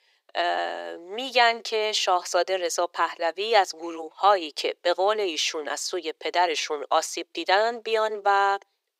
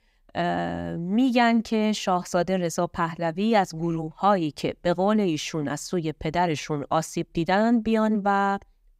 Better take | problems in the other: second | thin; very; fading below 400 Hz

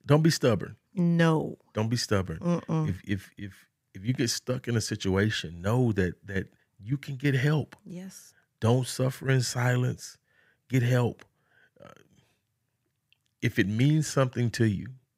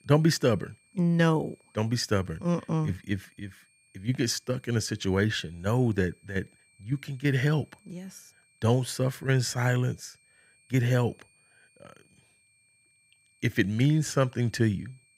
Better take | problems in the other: first | high-pitched whine; faint; throughout; 2.5 kHz, 35 dB below the speech

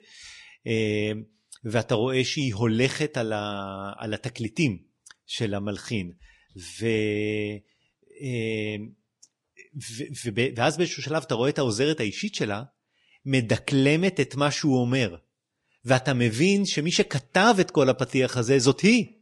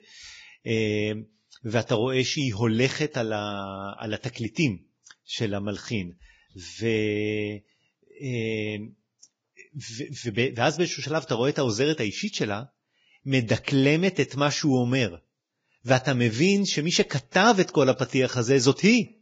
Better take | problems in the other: first | garbled, watery; badly; slightly in the first

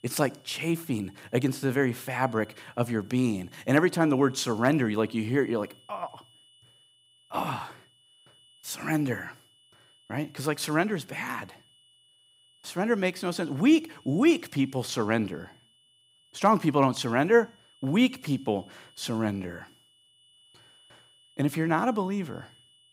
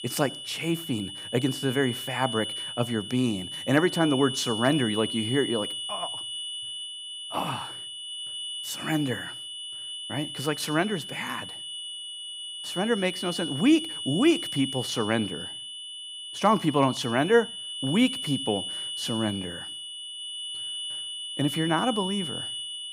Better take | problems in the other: first | high-pitched whine; loud; throughout; 3 kHz, 6 dB below the speech; faint in the first

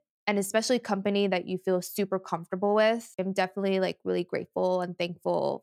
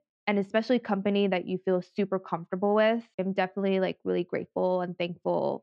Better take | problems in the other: first | muffled; slightly; fading above 3.5 kHz

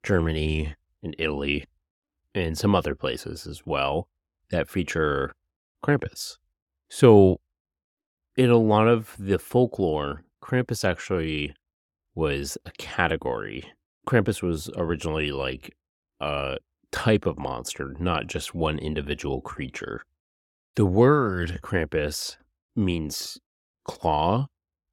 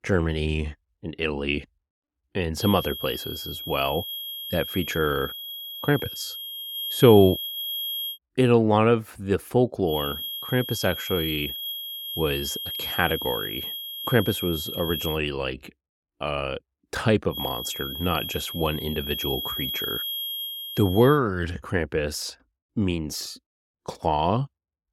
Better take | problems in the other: first | high-pitched whine; loud; from 2.5 to 8 s, from 10 to 15 s and from 17 to 21 s; 3.5 kHz, 5 dB below the speech

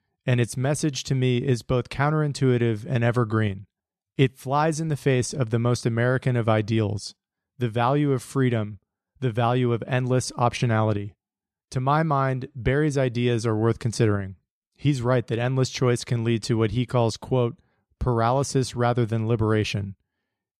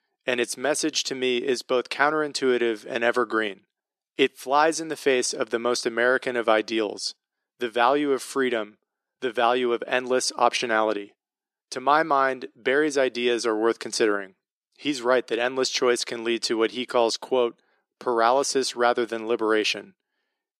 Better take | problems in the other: first | thin; very; fading below 300 Hz

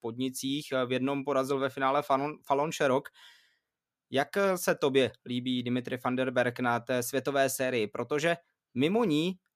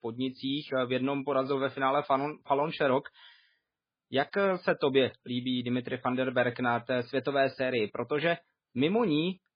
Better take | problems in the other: first | garbled, watery; badly

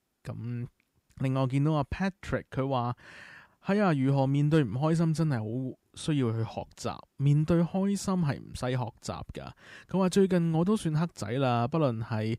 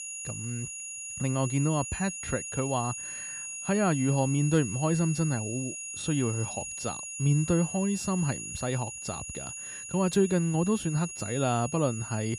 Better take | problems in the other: first | high-pitched whine; loud; throughout; 6.5 kHz, 7 dB below the speech

